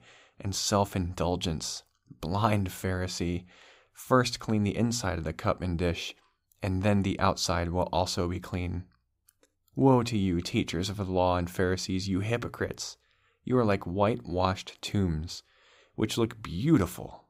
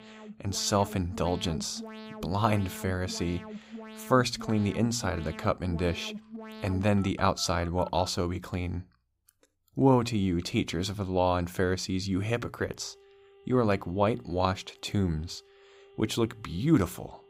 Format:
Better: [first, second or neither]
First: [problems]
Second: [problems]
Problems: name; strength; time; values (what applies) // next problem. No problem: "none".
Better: first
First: none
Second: alarms or sirens; noticeable; throughout; 15 dB below the speech